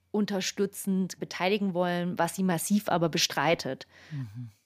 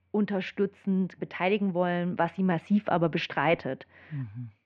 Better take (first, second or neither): first